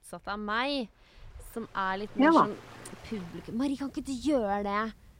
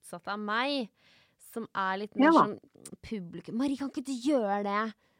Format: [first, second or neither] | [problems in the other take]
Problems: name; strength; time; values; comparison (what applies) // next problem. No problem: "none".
second | rain or running water; faint; throughout; 25 dB below the speech